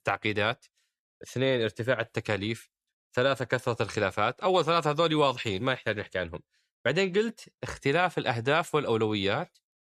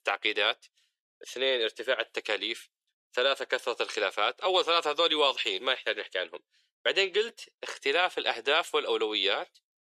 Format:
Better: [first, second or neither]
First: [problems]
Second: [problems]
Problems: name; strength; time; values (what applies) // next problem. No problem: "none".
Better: first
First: none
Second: thin; very; fading below 400 Hz